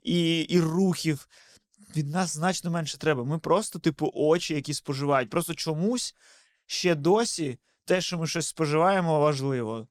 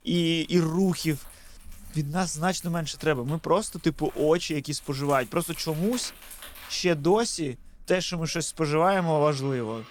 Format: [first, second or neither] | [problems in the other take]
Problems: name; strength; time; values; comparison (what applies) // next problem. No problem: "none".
first | household noises; faint; throughout; 20 dB below the speech